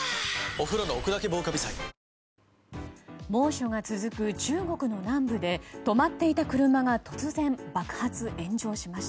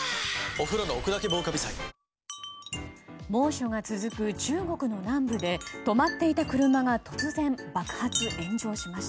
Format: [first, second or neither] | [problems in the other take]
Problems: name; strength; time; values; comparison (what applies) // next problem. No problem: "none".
first | background sound (Wind chime); 13 dB below the speech